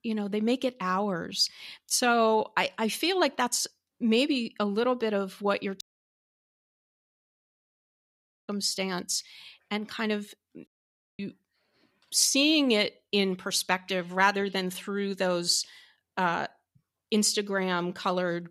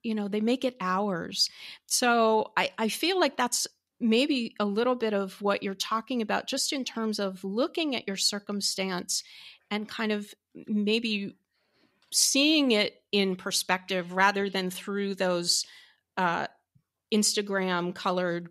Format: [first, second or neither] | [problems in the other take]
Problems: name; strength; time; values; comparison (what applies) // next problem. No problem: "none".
second | audio cutting out; at 6 s for 2.5 s and at 11 s for 0.5 s